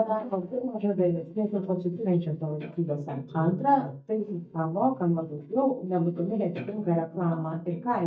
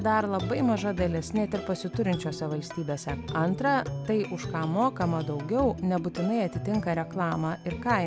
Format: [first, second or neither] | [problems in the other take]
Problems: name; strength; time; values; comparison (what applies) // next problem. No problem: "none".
second | noise reduction (neural mask model DeepFilterNet 3)